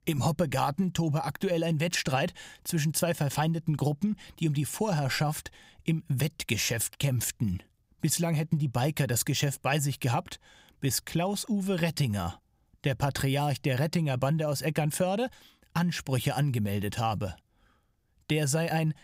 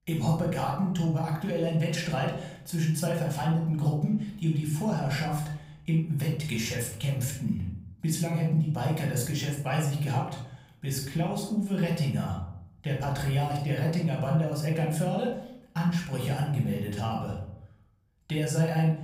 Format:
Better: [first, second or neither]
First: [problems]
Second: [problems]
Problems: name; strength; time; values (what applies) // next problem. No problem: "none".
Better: first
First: none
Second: off-mic speech; far // room echo; noticeable; dies away in 0.7 s